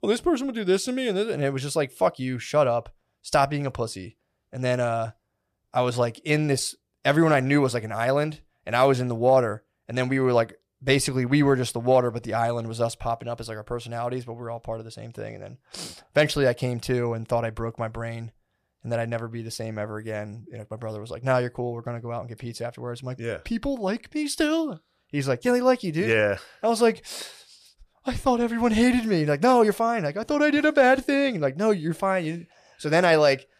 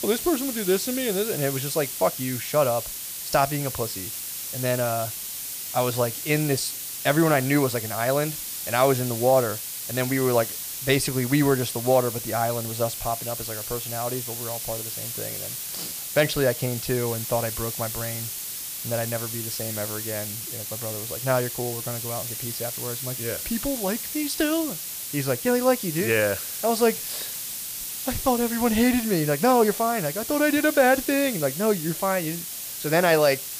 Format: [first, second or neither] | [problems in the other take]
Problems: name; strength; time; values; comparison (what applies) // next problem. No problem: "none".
first | hiss; loud; throughout; 5 dB below the speech